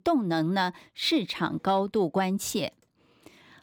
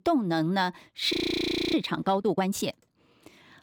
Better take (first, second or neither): first